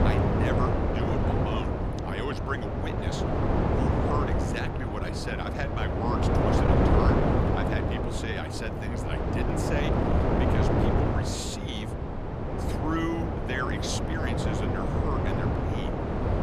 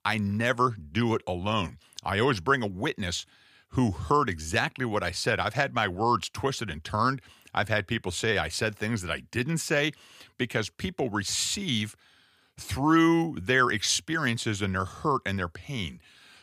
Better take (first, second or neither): second